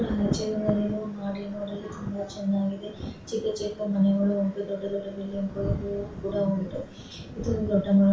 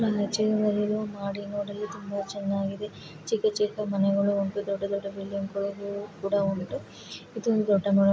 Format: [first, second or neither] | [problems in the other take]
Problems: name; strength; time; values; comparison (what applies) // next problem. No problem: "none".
second | background sound (Thunder); 10 dB below the speech // room echo; dies away in 0.3 s